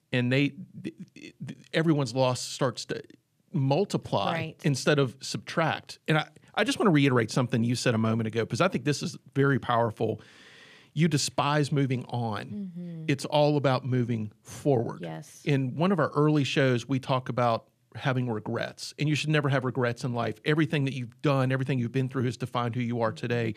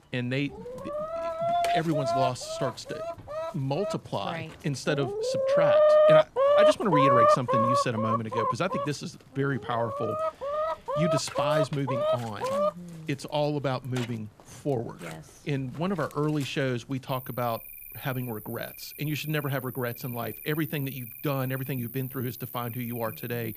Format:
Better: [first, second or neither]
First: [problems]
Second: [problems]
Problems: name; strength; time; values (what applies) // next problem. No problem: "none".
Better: first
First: none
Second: animal sounds; very loud; throughout; 5 dB above the speech